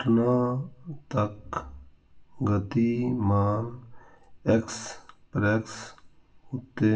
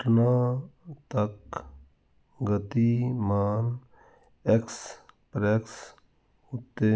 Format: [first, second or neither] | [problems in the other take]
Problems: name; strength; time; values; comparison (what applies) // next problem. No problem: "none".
second | room echo; dies away in 0.2 s